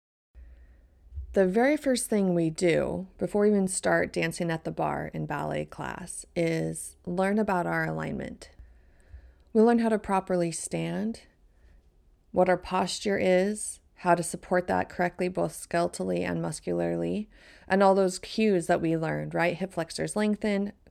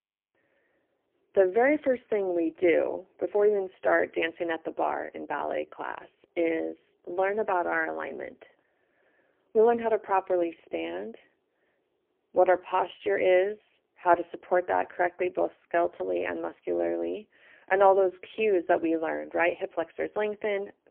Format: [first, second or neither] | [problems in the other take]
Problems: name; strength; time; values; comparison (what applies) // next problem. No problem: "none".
first | phone-call audio; poor line